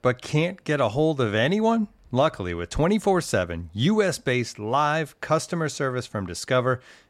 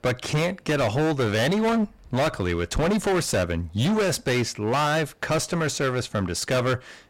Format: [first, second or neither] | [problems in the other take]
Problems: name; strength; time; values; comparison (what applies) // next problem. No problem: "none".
first | distortion; heavy; 25% of the sound clipped